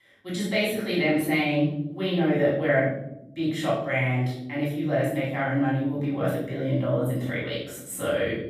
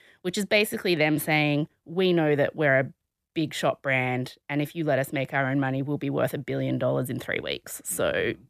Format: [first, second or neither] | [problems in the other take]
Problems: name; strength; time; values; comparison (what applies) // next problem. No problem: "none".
second | off-mic speech; far // room echo; noticeable; dies away in 0.9 s